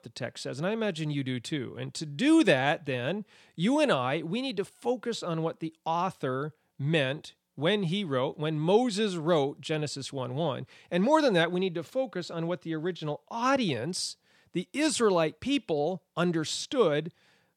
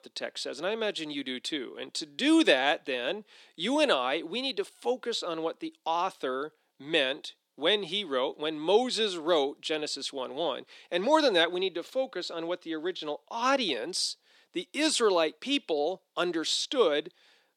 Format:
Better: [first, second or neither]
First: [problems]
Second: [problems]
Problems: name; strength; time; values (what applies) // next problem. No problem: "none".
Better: first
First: none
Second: thin; very slightly; fading below 300 Hz